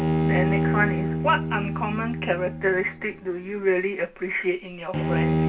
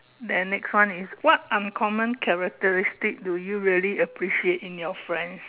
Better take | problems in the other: second | background sound (Bowed string instrument); 1 dB above the speech // room echo; dies away in 0.2 s

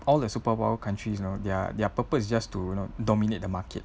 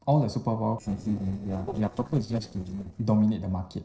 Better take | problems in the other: first | noise reduction (neural separator model SepFormer DNS4)

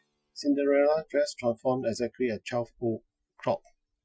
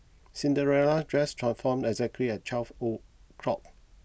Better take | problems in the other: second | noise reduction (classical method Wiener filter)

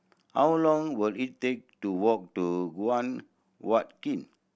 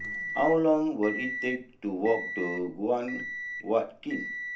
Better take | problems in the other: first | background sound (Microwave oven); 8 dB below the speech // room echo; dies away in 0.3 s

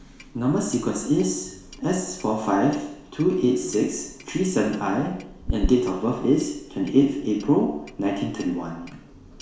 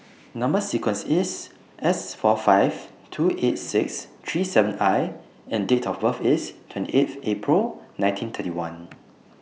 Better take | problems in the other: second | background sound (Clock); 13 dB below the speech // room echo; dies away in 0.7 s

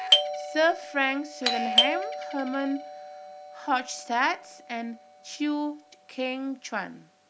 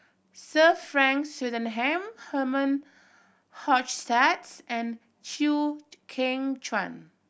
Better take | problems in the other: second | background sound (Doorbell); 1 dB below the speech

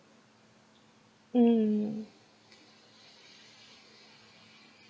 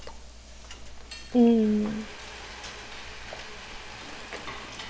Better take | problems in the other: first | background sound (Frying (food)); 11 dB below the speech

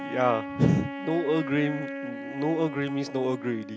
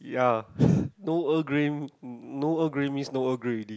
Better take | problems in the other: second | background sound (Wind instrument, woodwind instrument); 9 dB below the speech

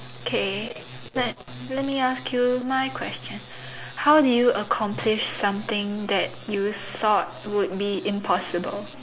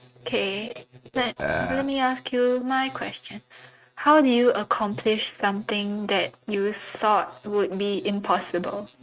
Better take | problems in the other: first | noise reduction (neural mask model RNNoise)

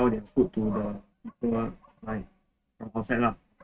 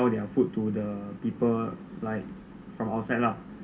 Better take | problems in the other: second | noise reduction (neural mask model RNNoise)

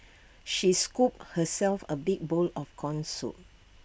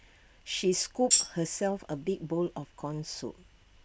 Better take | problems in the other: first | background sound (Tambourine); 3 dB above the speech

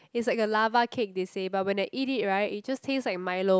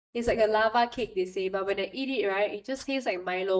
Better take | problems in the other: first | noise reduction (neural mask model DeepFilterNet 3)

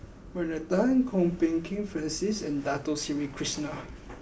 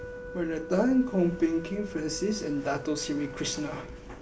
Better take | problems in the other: first | background sound (Wind instrument, woodwind instrument); 13 dB below the speech

